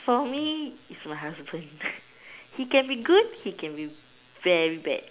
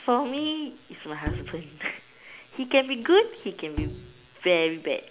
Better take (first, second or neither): first